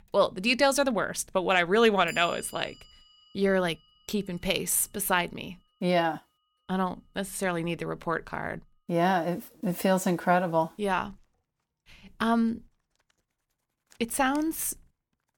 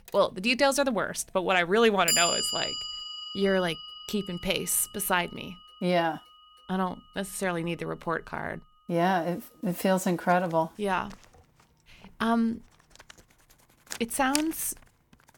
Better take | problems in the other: first | household noises; loud; throughout; 4 dB below the speech; faint in the first

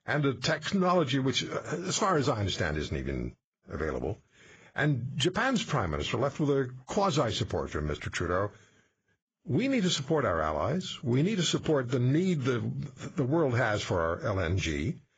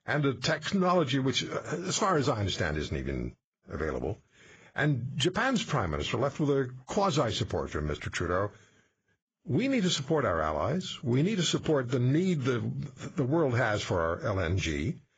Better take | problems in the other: neither | garbled, watery; badly; nothing above 7.5 kHz; the same in both

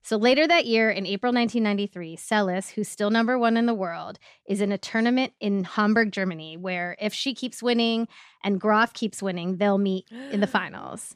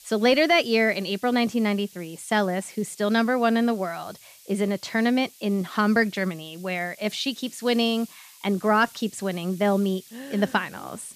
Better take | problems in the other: first | hiss; faint; throughout; 25 dB below the speech

